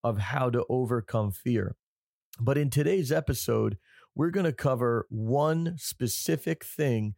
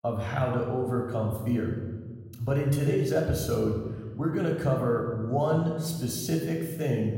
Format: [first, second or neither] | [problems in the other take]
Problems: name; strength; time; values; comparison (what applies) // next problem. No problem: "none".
first | off-mic speech; somewhat distant // room echo; noticeable; dies away in 1.2 s